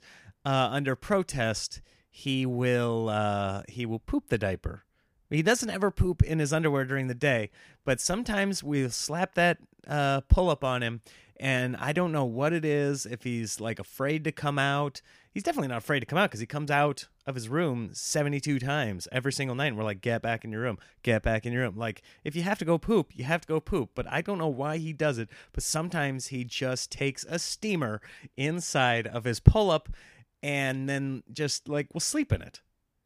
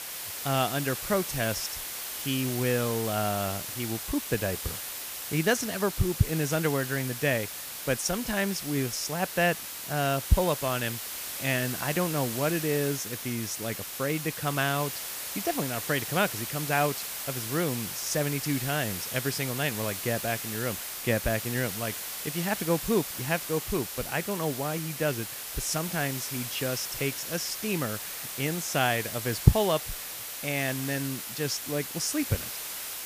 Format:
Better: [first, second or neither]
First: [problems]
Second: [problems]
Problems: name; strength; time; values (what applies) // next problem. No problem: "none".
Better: first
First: none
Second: hiss; loud; throughout; 4 dB below the speech